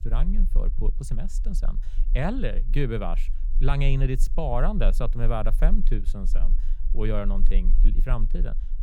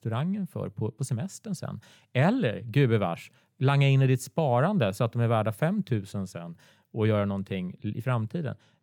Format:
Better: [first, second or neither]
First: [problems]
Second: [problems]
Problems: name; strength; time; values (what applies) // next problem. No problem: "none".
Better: second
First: low rumble; faint; throughout; 20 dB below the speech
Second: none